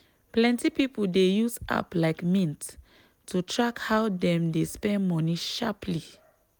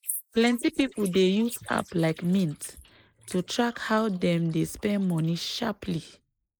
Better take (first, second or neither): first